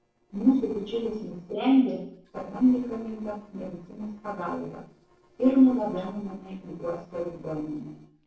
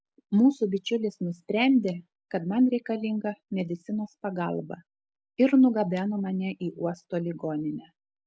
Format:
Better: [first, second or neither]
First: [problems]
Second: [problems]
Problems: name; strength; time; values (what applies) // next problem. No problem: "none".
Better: second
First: noise reduction (neural separator model SepFormer DNS4)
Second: none